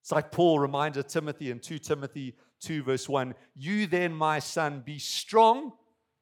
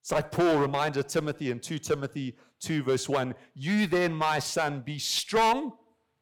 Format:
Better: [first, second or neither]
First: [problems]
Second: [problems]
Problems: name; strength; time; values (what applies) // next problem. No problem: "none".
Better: first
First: none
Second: distortion; heavy; 7% of the sound clipped